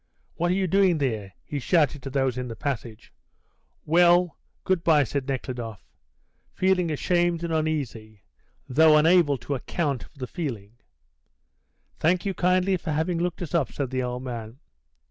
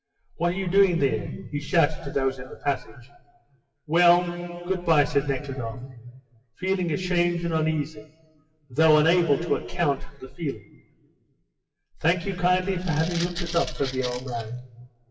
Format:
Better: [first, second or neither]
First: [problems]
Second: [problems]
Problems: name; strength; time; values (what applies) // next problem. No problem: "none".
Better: first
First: none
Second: noise reduction (classical method WPE with log-MMSE)